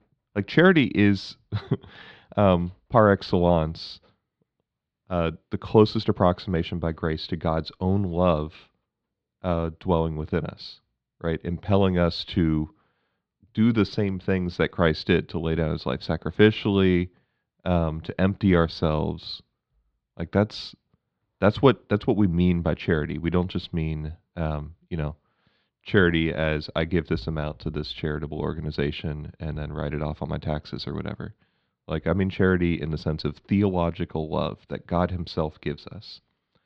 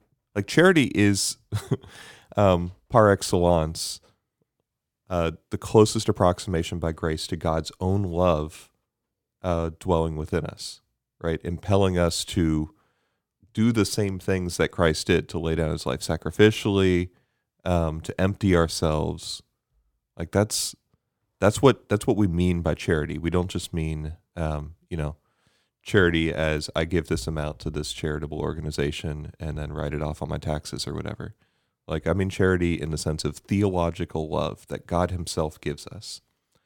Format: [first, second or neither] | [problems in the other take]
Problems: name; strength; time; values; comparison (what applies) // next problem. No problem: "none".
second | muffled; very slightly; fading above 4 kHz